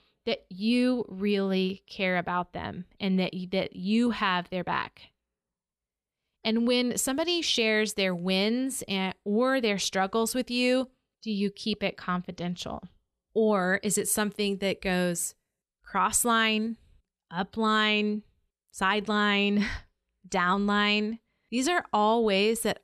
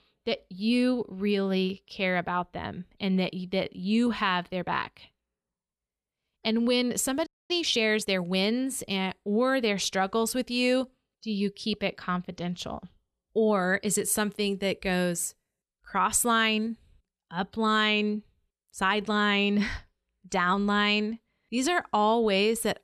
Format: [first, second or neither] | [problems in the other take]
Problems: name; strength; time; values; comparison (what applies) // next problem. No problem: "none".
first | audio freezing; at 7.5 s